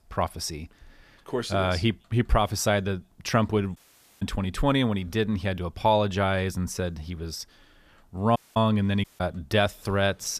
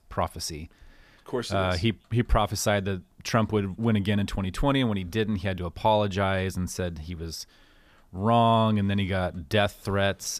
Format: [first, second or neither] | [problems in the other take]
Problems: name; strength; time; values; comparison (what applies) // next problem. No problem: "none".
second | audio cutting out; at 4 s, at 8.5 s and at 9 s